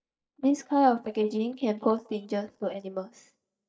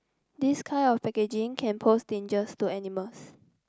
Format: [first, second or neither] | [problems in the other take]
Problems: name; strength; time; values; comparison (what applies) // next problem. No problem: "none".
second | noise reduction (neural mask model DeepFilterNet 3)